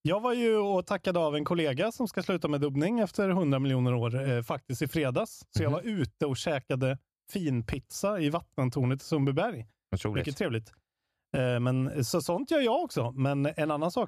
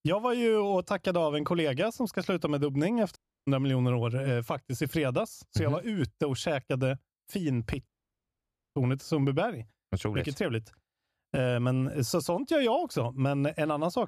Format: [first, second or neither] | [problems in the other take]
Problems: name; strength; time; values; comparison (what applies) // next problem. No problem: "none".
first | audio cutting out; at 3 s and at 8 s for 1 s